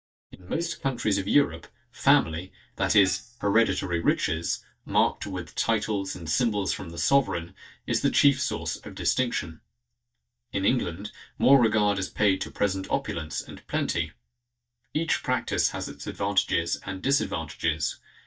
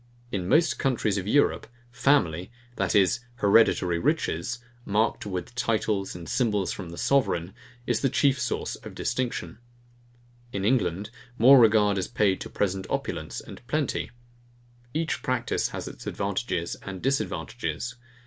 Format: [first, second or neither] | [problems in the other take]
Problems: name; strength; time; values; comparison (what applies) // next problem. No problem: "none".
second | noise reduction (neural mask model DeepFilterNet 3)